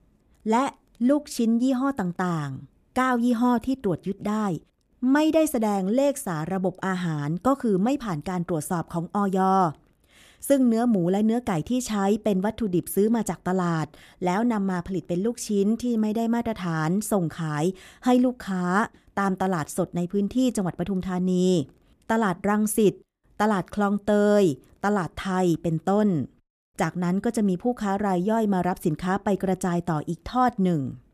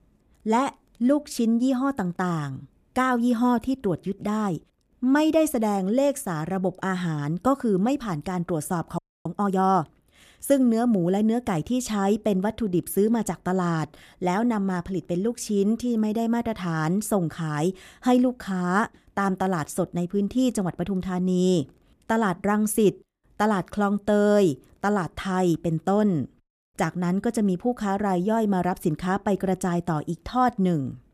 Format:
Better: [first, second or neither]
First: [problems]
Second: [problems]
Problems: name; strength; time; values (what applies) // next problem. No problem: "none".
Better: first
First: none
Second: audio freezing; at 9 s